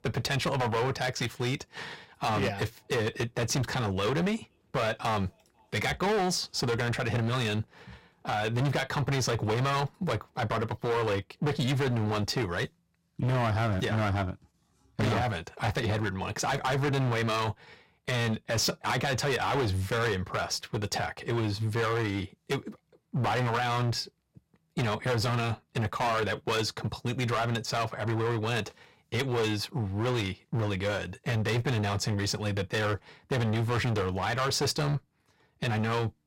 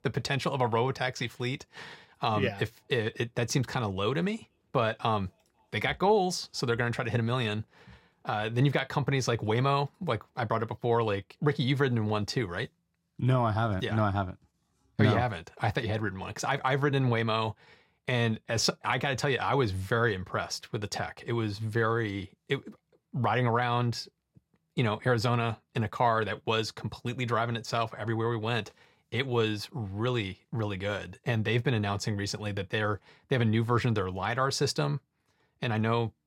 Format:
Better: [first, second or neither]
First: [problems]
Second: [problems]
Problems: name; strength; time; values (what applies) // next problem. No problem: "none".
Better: second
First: distortion; heavy; 19% of the sound clipped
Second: none